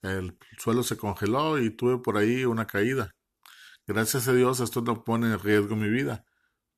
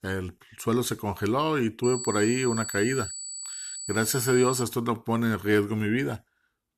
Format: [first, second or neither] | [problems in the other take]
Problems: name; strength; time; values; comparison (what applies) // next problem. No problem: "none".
first | high-pitched whine; loud; from 2 to 4.5 s; 8 kHz, 7 dB below the speech